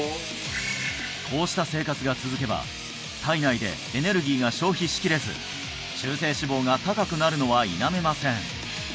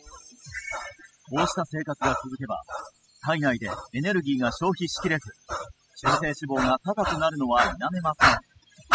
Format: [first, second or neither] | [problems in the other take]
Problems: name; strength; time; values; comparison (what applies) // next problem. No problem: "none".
first | noise reduction (classical method spectral subtraction)